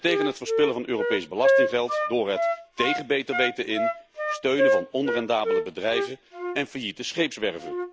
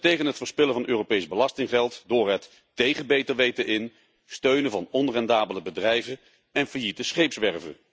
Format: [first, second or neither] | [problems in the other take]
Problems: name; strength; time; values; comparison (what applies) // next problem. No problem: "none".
second | background sound (Wind instrument, woodwind instrument); as loud as the speech